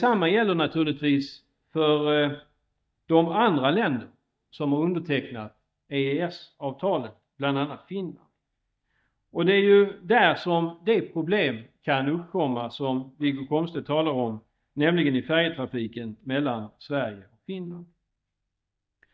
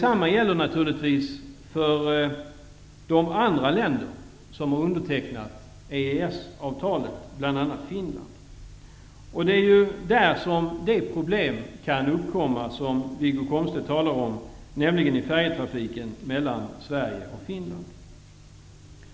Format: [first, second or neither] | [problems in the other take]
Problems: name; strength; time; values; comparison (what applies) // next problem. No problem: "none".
second | noise reduction (neural mask model DeepFilterNet 3)